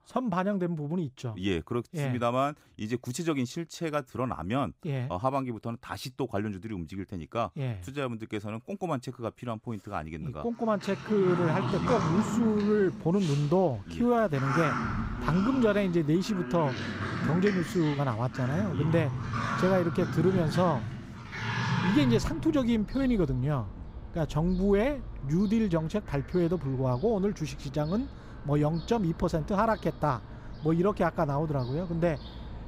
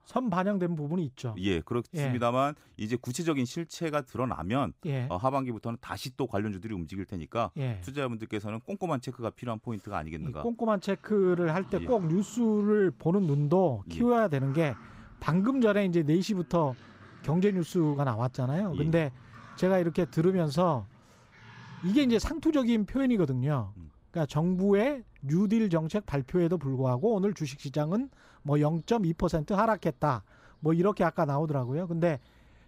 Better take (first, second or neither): second